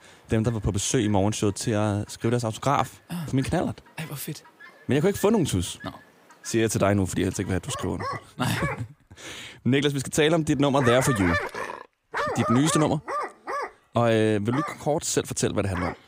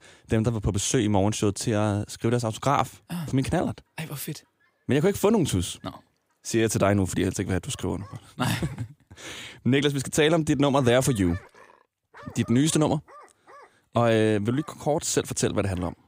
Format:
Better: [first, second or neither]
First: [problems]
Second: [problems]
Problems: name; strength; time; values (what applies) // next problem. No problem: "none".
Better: second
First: animal sounds; loud; throughout; 7 dB below the speech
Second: animal sounds; faint; throughout; 25 dB below the speech